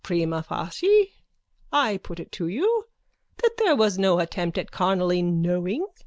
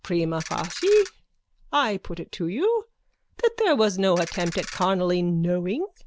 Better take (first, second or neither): first